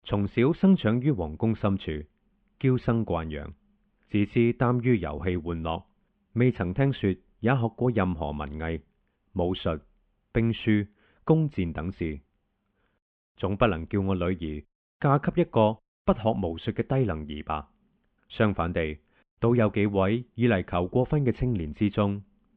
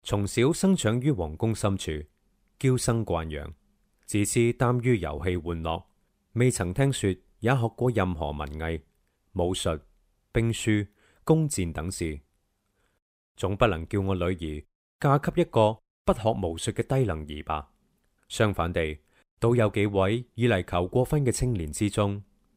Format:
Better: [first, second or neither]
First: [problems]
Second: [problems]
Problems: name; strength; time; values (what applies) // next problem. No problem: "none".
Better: second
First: muffled; very; fading above 3 kHz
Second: none